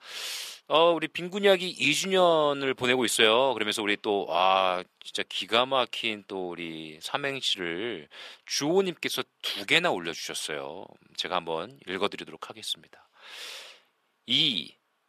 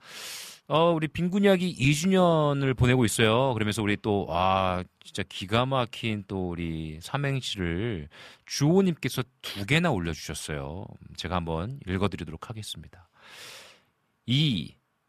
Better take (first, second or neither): second